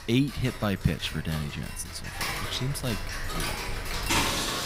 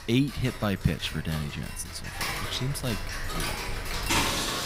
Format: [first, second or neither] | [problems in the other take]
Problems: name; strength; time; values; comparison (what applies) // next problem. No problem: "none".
neither | household noises; loud; throughout; 1 dB below the speech; the same in both